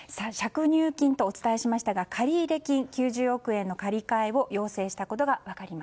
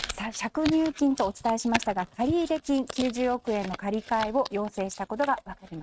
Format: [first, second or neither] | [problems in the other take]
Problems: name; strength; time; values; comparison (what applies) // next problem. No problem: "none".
first | noise reduction (neural mask model RNNoise)